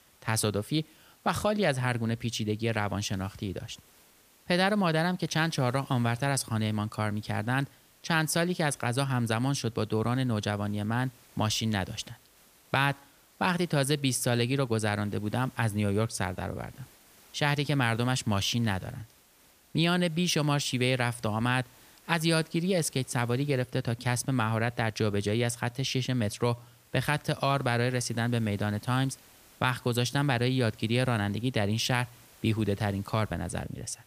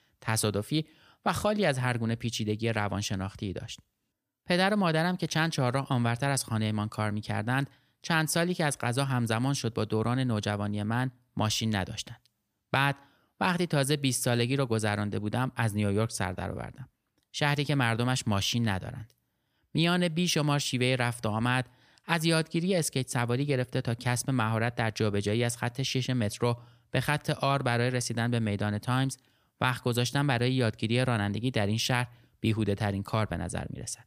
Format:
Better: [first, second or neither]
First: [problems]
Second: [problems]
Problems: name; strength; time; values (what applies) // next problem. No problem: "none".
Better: second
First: hiss; faint; throughout; 25 dB below the speech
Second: none